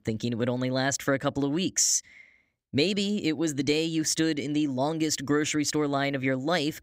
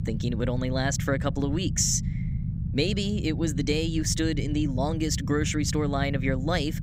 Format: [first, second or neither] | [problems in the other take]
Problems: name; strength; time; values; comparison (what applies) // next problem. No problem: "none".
first | low rumble; noticeable; throughout; 15 dB below the speech